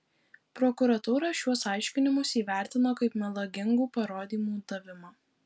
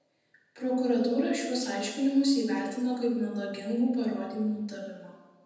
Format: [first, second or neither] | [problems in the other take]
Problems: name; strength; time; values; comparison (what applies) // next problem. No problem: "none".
first | room echo; dies away in 1 s